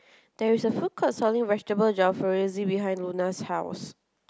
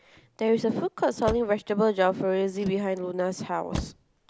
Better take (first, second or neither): first